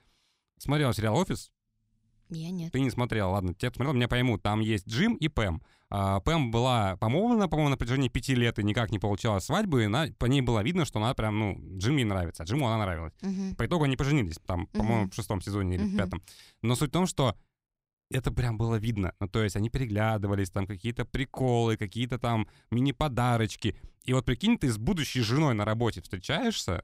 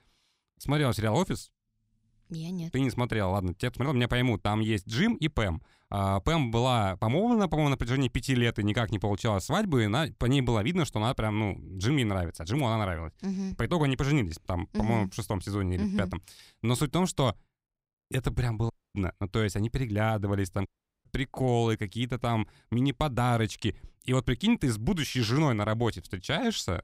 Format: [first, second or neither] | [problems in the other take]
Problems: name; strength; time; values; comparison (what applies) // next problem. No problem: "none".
first | audio cutting out; at 19 s and at 21 s